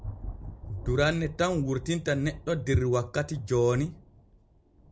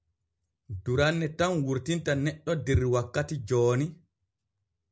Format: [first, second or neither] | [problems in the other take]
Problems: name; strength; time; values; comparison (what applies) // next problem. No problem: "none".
second | background sound (Thunder); 13 dB below the speech